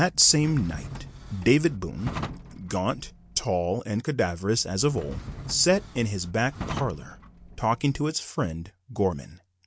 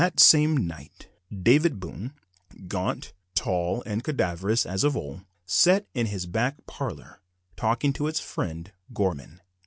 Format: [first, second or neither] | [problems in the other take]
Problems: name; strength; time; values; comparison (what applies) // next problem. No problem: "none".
second | background sound (Drawer open or close); 13 dB below the speech